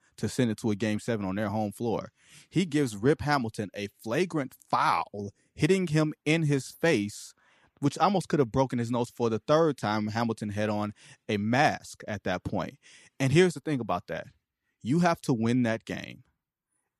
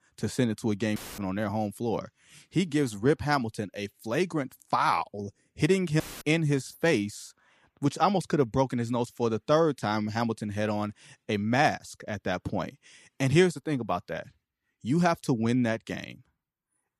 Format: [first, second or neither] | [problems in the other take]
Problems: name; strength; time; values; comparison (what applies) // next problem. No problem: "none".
first | audio cutting out; filled with static; at 1 s and at 6 s